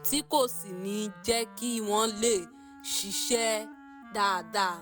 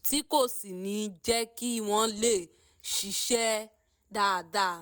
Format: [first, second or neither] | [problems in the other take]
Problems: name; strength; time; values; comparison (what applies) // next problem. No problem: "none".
second | background sound (Wind instrument, woodwind instrument); 18 dB below the speech